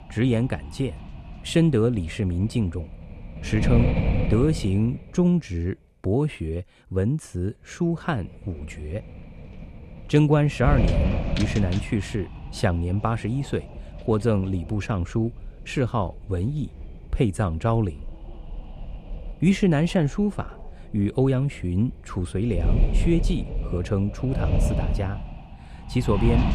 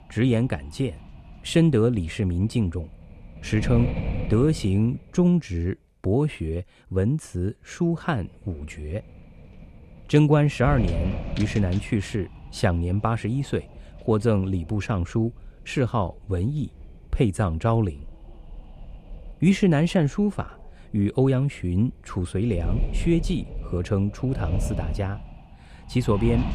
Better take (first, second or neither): second